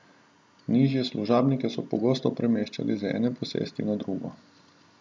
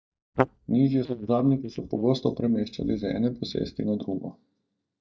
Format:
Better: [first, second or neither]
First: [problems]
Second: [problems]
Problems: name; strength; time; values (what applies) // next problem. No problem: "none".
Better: first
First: none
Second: noise reduction (neural mask model DeepFilterNet 3)